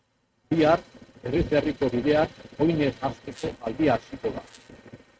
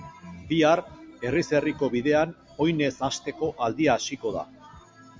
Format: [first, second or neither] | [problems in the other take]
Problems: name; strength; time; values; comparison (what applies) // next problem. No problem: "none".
second | noise reduction (neural mask model RNNoise)